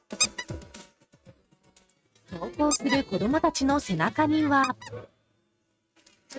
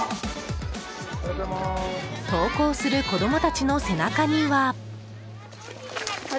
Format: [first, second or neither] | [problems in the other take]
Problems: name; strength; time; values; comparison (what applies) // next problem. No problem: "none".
second | noise reduction (neural mask model RNNoise)